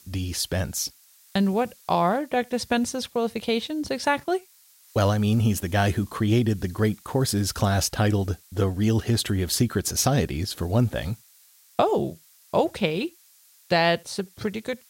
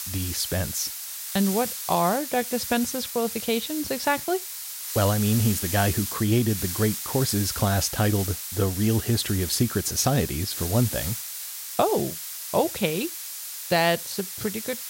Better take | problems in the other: first | hiss; loud; throughout; 5 dB below the speech; faint in the first

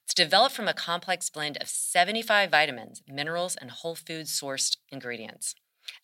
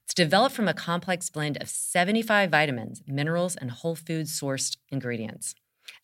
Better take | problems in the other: second | thin; somewhat; fading below 750 Hz

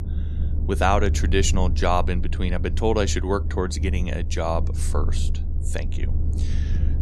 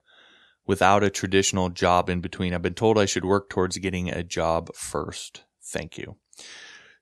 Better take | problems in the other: second | low rumble; noticeable; throughout; 15 dB below the speech

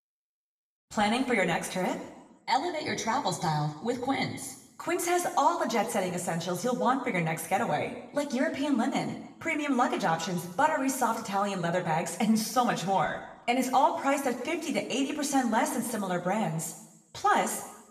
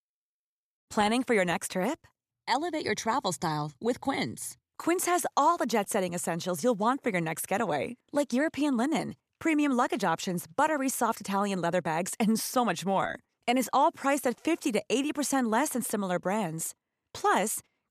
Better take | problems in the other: second | room echo; slight; dies away in 0.9 s // off-mic speech; somewhat distant

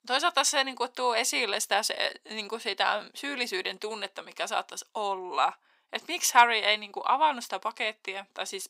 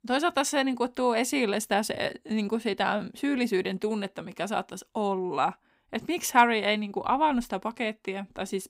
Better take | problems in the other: second | thin; very; fading below 600 Hz

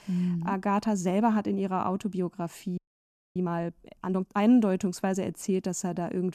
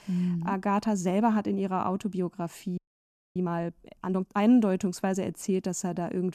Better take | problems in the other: neither | audio freezing; at 3 s for 0.5 s; the same in both

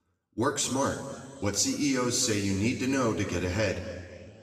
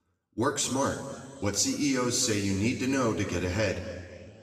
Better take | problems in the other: neither | room echo; slight; dies away in 2 s; the same in both // off-mic speech; somewhat distant; the same in both

